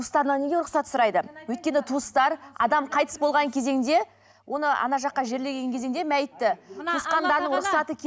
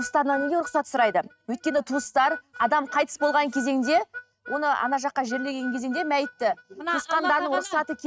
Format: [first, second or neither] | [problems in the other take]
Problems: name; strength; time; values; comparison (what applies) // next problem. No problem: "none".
first | noise reduction (neural mask model RNNoise)